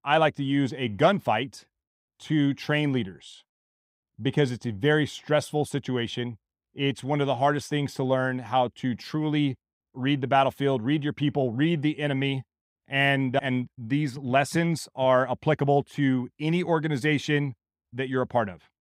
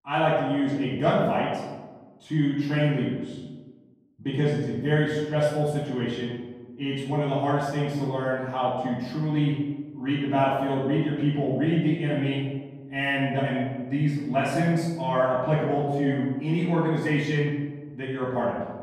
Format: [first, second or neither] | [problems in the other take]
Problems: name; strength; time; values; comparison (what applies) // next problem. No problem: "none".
first | off-mic speech; far // room echo; noticeable; dies away in 1.2 s